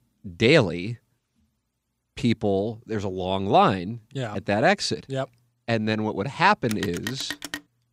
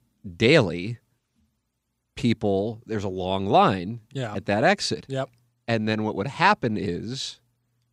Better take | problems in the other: second | phone ringing; noticeable; at 6.5 s; peak 10 dB below the speech

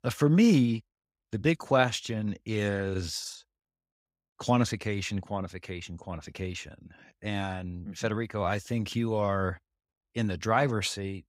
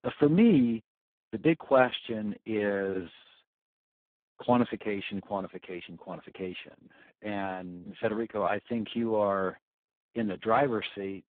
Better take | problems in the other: first | phone-call audio; poor line

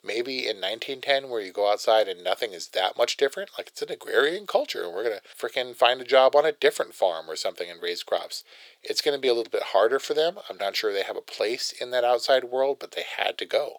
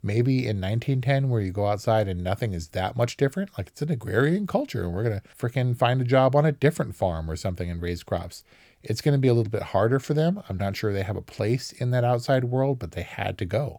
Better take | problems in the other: second | thin; very; fading below 450 Hz

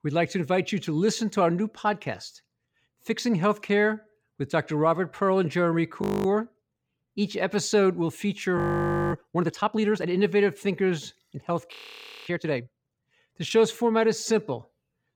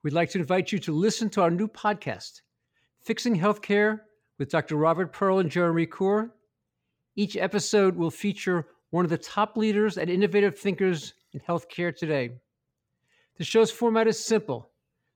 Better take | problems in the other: second | audio freezing; at 6 s, at 8.5 s for 0.5 s and at 12 s for 0.5 s

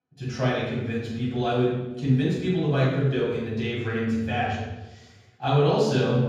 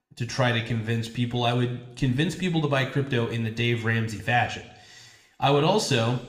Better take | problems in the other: second | room echo; strong; dies away in 1.3 s; slight in the second // off-mic speech; far

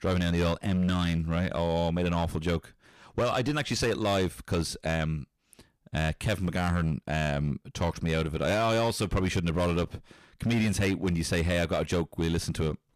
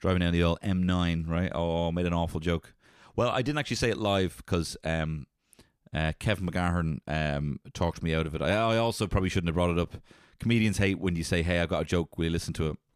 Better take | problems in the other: second | distortion; slight; 11% of the sound clipped

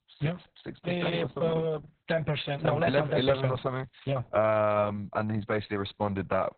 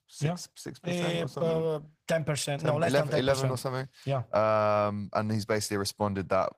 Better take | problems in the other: second | garbled, watery; badly; nothing above 4 kHz; slightly in the second

